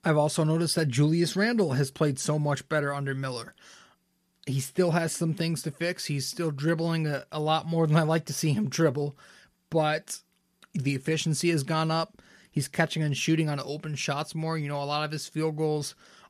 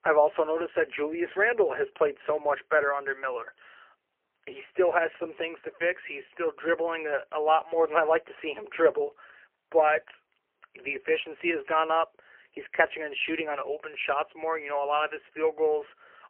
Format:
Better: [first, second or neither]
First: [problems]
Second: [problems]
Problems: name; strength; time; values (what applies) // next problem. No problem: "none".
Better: first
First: none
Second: phone-call audio; poor line; nothing above 3 kHz